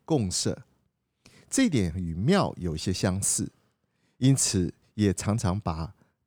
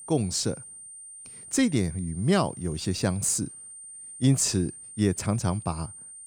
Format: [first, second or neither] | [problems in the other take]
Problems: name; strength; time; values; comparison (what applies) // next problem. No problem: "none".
first | high-pitched whine; noticeable; throughout; 9 kHz, 15 dB below the speech